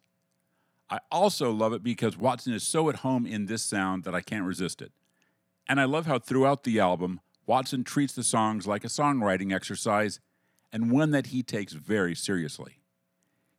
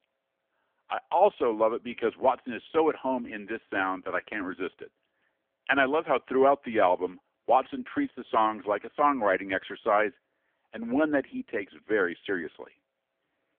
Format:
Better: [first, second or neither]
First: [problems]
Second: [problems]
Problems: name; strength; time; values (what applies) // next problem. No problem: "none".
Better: first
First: none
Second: phone-call audio; poor line; nothing above 3.5 kHz